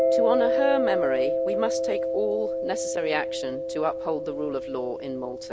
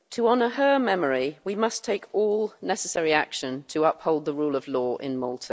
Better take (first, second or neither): second